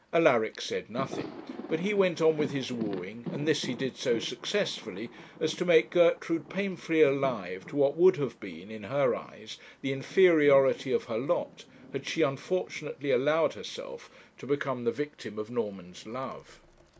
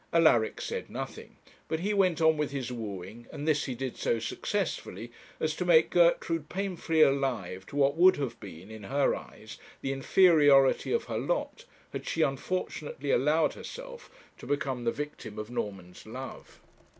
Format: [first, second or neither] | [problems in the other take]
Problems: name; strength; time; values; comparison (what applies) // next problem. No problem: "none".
second | background sound (Thunder); 17 dB below the speech